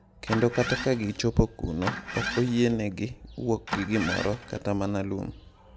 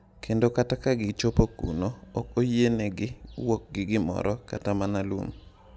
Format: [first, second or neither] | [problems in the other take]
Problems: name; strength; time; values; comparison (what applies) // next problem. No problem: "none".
second | background sound (Engine starting); 8 dB below the speech